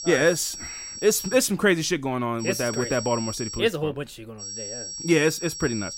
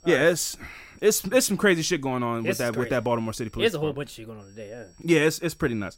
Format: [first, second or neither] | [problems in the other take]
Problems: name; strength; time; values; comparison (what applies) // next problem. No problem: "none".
second | high-pitched whine; loud; until 1.5 s, from 2.5 to 3.5 s and from 4.5 s on; 5.5 kHz, 9 dB below the speech; faint in the second